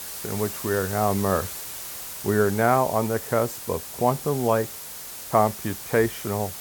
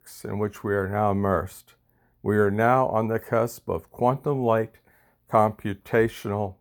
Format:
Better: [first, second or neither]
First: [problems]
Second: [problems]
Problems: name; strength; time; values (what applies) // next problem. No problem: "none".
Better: second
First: hiss; loud; throughout; 9 dB below the speech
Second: none